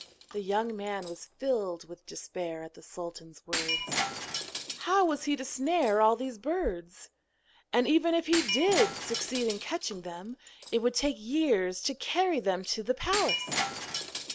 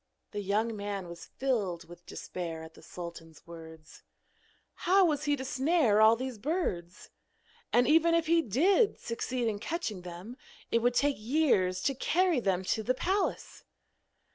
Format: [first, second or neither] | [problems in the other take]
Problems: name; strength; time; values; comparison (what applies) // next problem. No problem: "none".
second | background sound (Shatter); 8 dB below the speech